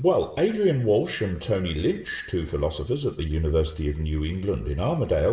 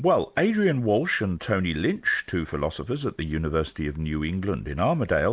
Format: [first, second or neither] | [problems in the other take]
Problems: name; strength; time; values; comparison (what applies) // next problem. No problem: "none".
second | room echo; dies away in 0.6 s